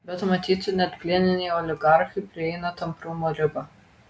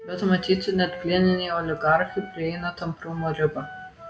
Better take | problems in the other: first | background sound (Wind instrument, woodwind instrument); 17 dB below the speech // room echo; dies away in 0.7 s

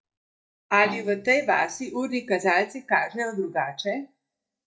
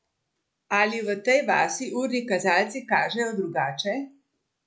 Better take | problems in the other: second | noise reduction (neural mask model DeepFilterNet 3)

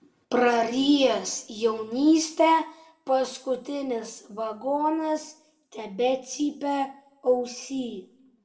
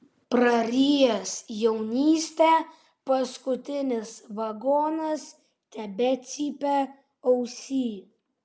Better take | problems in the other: second | room echo; dies away in 0.3 s

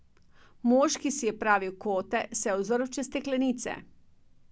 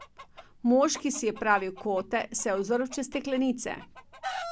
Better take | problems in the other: first | background sound (Chicken, rooster); 15 dB below the speech

